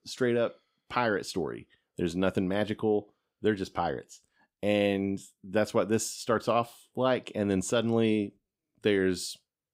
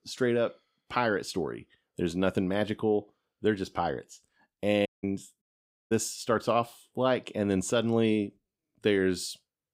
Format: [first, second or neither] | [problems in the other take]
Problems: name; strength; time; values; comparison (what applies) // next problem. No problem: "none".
first | audio cutting out; at 5 s and at 5.5 s